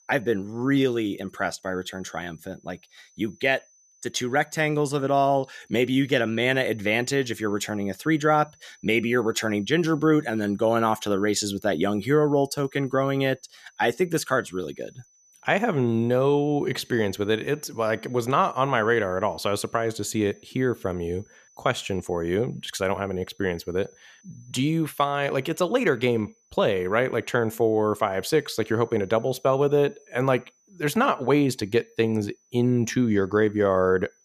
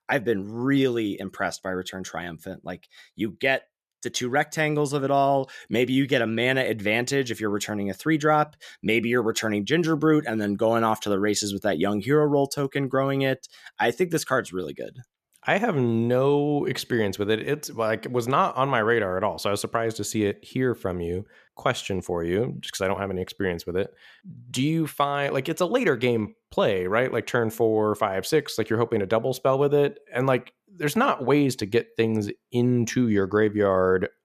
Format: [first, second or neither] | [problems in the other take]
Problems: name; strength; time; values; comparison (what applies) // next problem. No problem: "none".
second | high-pitched whine; faint; throughout; 6 kHz, 35 dB below the speech